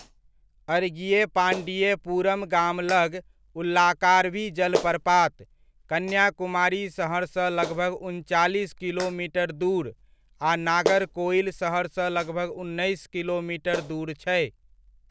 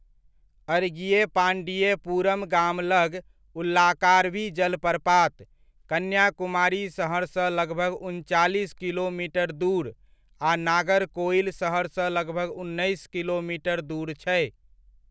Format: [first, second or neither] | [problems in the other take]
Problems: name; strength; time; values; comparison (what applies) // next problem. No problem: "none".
second | background sound (Clapping); 13 dB below the speech